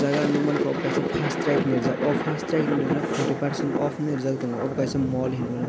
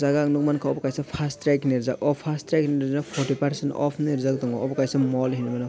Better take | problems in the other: second | background sound (Thunder); 1 dB below the speech

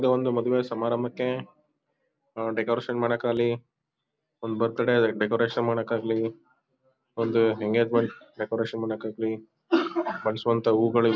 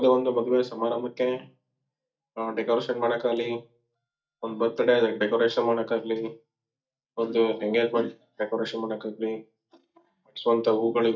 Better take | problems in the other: first | noise reduction (neural mask model DeepFilterNet 3)

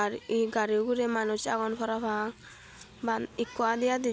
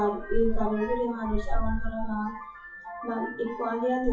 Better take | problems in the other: first | noise reduction (classical method WPE with log-MMSE)

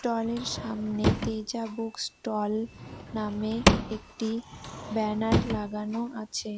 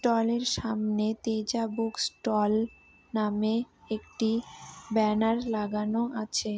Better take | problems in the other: second | background sound (Drawer open or close / Wood); as loud as the speech

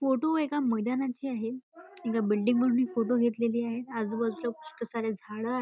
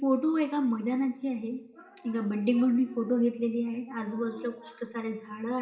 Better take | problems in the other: first | room echo; dies away in 0.8 s

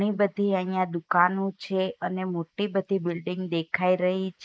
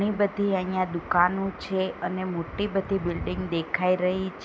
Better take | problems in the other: second | noise reduction (neural mask model Resemble Enhance denoiser)

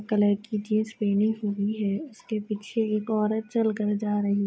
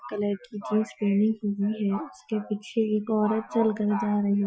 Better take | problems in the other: first | noise reduction (classical method Wiener filter)

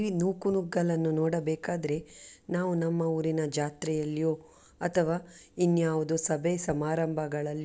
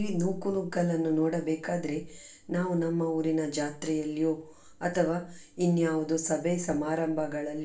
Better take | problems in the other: first | room echo; dies away in 0.3 s

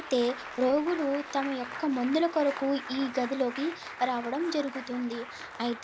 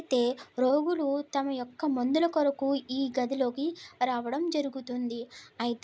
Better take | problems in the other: second | background sound (Applause); 12 dB below the speech

